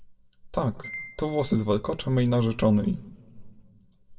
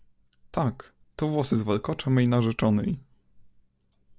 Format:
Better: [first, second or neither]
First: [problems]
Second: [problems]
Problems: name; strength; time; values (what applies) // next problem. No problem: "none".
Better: second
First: background sound (Piano); 18 dB below the speech // room echo; dies away in 1.1 s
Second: none